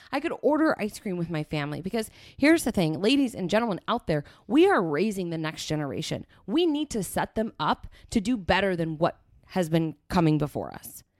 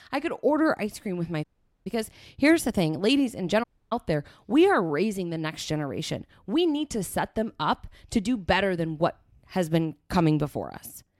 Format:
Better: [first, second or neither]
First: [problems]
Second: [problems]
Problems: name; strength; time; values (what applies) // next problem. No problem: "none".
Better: first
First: none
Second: audio cutting out; at 1.5 s and at 3.5 s